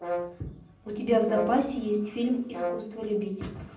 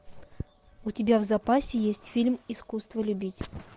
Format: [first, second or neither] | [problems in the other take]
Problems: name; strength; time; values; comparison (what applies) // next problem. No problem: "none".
second | background sound (Brass instrument); 8 dB below the speech // room echo; dies away in 0.6 s